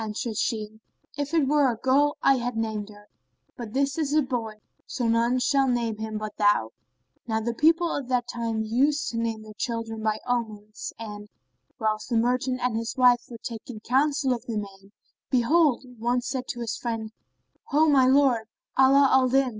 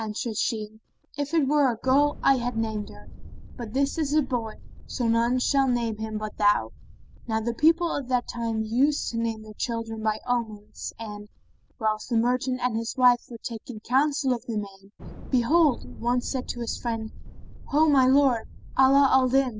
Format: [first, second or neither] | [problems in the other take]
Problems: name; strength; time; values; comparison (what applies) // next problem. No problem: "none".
first | background sound (Thunder); 16 dB below the speech